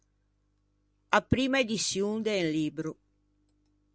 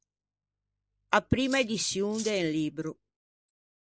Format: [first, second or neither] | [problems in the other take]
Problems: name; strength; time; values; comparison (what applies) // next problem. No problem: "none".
first | noise reduction (neural mask model Resemble Enhance denoiser)